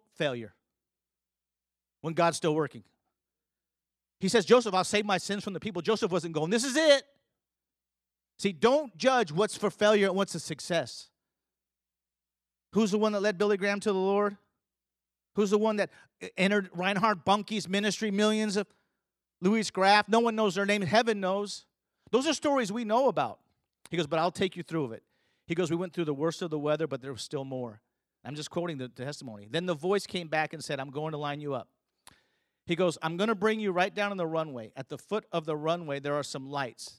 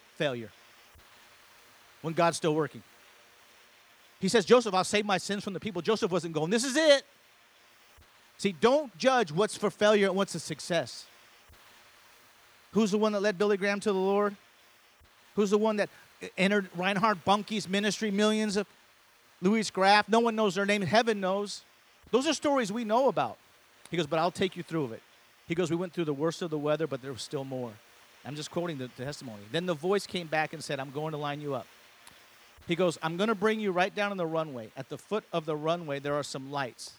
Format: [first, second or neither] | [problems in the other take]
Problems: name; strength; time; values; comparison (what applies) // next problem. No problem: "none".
first | hiss; faint; throughout; 30 dB below the speech